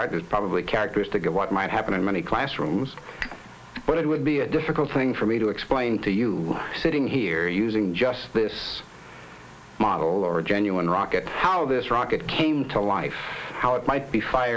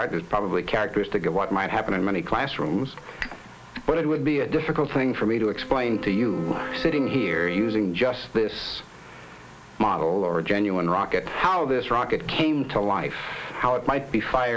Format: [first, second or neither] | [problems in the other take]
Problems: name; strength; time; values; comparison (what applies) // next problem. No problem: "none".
first | background sound (Wind instrument, woodwind instrument); 11 dB below the speech